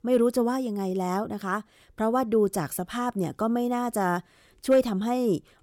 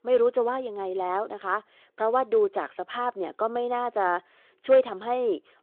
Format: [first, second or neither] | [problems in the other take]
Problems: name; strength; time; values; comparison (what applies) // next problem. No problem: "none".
first | phone-call audio